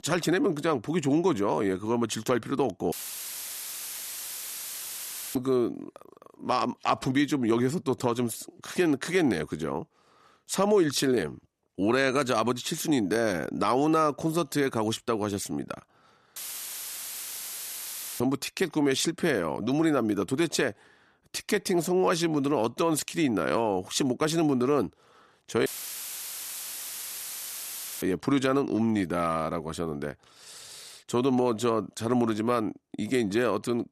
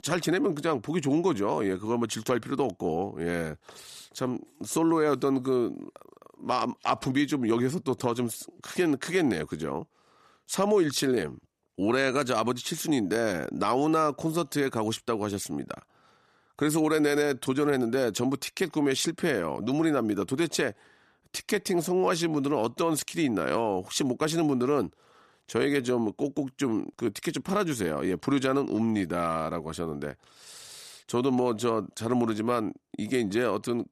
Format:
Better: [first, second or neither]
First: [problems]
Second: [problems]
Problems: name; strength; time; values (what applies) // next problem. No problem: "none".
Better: second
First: audio cutting out; filled with static; at 3 s for 2.5 s, at 16 s for 2 s and at 26 s for 2.5 s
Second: none